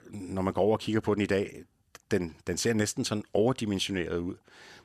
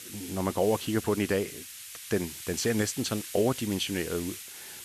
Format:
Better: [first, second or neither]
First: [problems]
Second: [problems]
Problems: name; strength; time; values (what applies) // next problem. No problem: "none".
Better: first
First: none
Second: hiss; loud; throughout; 10 dB below the speech